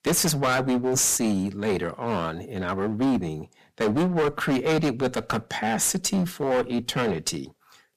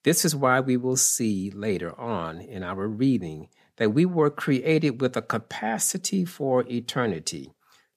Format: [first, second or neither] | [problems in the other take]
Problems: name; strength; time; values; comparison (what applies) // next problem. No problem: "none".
second | distortion; heavy; 16% of the sound clipped